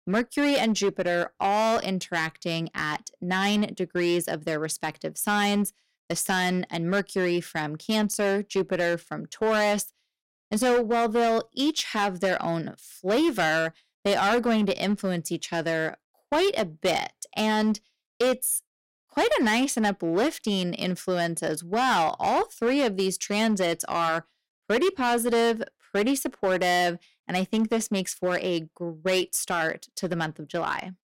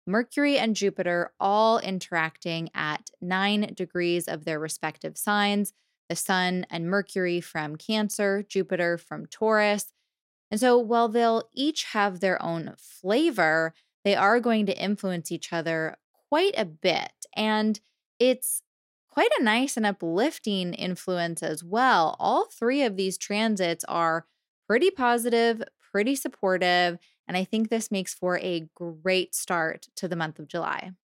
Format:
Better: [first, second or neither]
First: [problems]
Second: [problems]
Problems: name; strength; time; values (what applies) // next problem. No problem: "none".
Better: second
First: distortion; slight; 9% of the sound clipped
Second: none